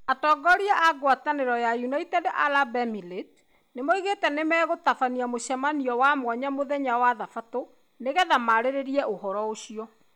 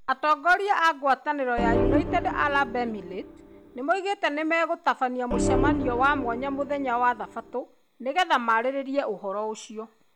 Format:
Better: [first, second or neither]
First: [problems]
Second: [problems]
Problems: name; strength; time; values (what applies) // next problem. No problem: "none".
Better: first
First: none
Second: background sound (Organ); 2 dB below the speech